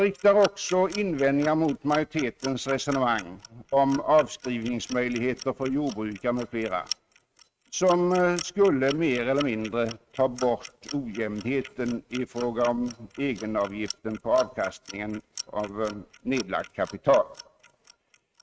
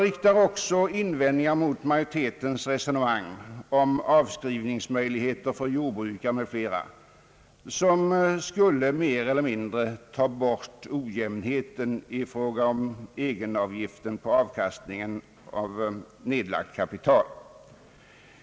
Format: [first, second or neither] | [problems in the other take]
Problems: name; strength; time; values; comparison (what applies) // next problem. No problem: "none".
second | noise reduction (neural mask model RNNoise)